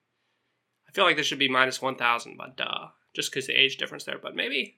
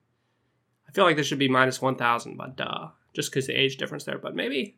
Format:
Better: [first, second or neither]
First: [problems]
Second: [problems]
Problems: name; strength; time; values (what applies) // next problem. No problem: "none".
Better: second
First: thin; very slightly; fading below 400 Hz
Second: none